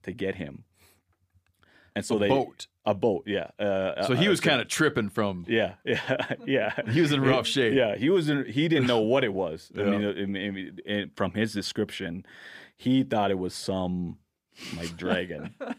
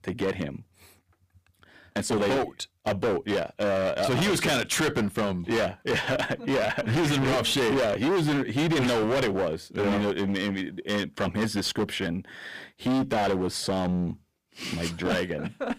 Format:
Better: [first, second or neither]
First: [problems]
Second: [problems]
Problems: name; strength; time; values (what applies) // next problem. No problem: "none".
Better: first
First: none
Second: distortion; heavy; 22% of the sound clipped